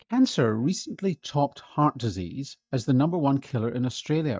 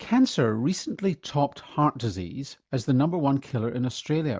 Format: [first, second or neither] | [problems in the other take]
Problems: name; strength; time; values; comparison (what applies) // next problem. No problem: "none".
second | noise reduction (neural mask model DeepFilterNet 3)